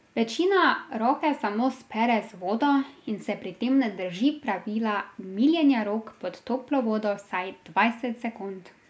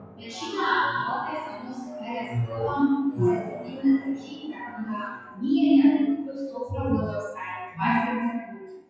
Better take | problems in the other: first | noise reduction (classical method WPE with log-MMSE)

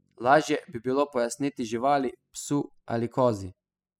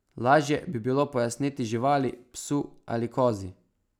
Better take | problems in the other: second | noise reduction (classical method spectral subtraction)

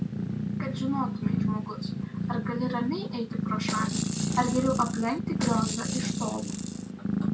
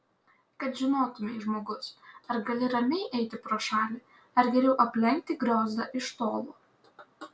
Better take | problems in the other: second | background sound (Purr + Rattle / Rattle (instrument)); 2 dB above the speech

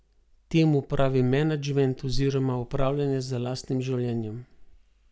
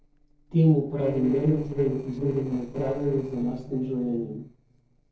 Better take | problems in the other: first | noise reduction (neural separator model SepFormer DNS4)

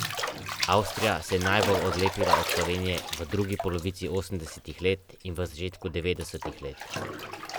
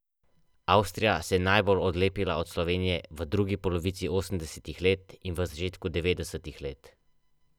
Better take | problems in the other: second | background sound (Bathtub (filling or washing)); 4 dB below the speech

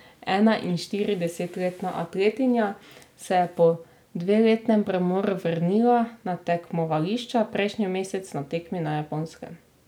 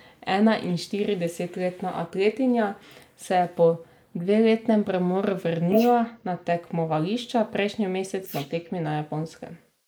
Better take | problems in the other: first | noise reduction (neural mask model Resemble Enhance denoiser)

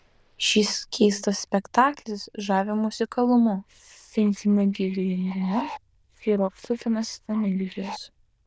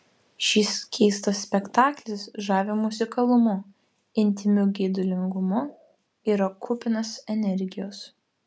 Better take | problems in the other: second | noise reduction (neural diffusion model UNIVERSE++)

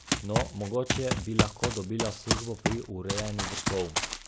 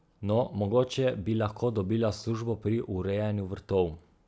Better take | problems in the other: second | background sound (Run); 2 dB above the speech

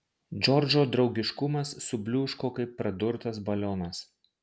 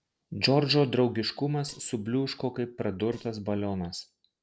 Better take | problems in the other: first | noise reduction (neural separator model SepFormer DNS4)

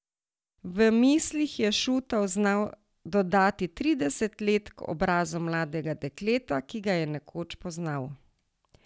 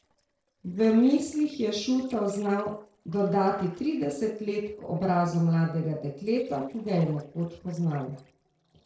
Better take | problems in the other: first | noise reduction (neural separator model SepFormer DNS4)

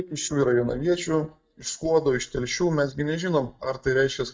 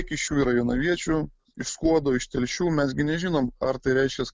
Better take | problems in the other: second | noise reduction (neural mask model DeepFilterNet 3)

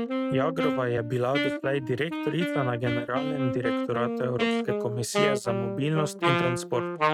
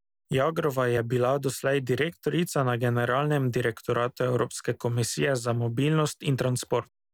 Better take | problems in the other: second | noise reduction (neural mask model RNNoise)

